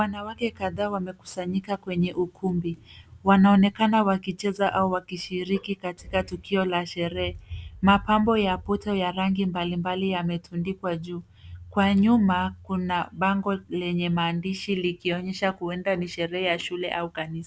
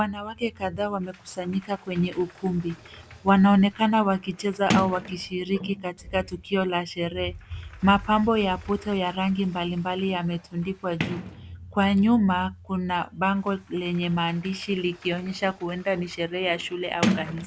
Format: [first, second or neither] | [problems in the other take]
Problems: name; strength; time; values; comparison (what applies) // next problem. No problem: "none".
first | background sound (Sliding door); 11 dB below the speech